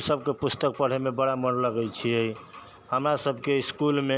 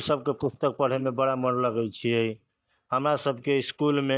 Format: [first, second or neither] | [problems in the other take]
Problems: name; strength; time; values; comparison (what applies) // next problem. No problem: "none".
first | noise reduction (neural mask model DeepFilterNet 3)